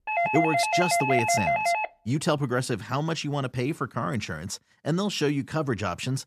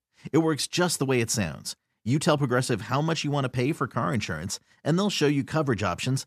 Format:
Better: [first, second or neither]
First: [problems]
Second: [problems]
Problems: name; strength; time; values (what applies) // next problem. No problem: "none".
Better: second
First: doorbell; loud; until 2 s; peak 4 dB above the speech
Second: none